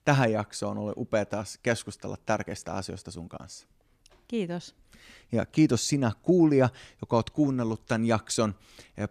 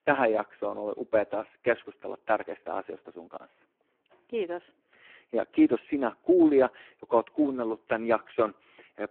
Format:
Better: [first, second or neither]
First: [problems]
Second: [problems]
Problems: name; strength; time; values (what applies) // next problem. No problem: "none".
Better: first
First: none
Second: phone-call audio; poor line; nothing above 3.5 kHz